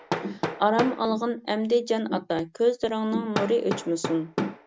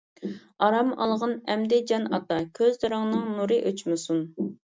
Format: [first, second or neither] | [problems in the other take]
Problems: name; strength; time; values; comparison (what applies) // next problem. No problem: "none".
second | background sound (Hammer); 8 dB below the speech